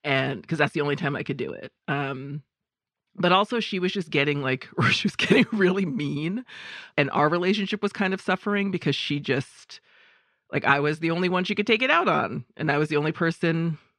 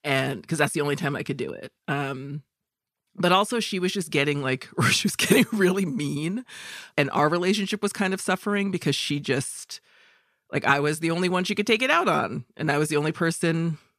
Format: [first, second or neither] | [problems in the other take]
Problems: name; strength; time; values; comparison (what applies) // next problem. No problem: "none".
second | muffled; very slightly; fading above 3 kHz